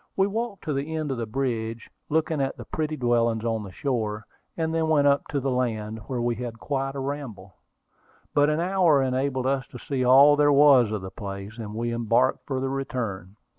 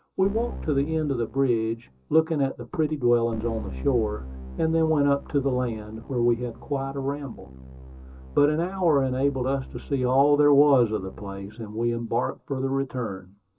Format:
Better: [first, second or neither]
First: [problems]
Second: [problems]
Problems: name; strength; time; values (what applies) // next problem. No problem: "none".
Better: first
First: none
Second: background sound (Keyboard (musical)); 15 dB below the speech // room echo; dies away in 0.2 s